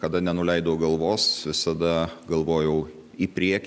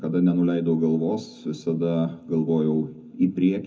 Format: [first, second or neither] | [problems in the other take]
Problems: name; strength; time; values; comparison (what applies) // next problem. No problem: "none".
first | room echo; dies away in 0.3 s